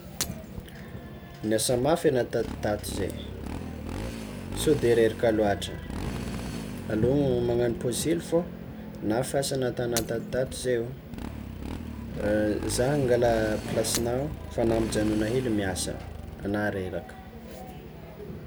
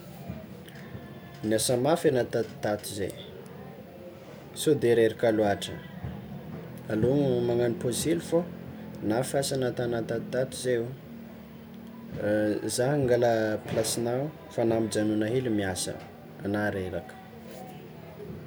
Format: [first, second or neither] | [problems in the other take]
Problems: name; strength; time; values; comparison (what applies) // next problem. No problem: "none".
second | background sound (Shatter + Motorcycle); 10 dB below the speech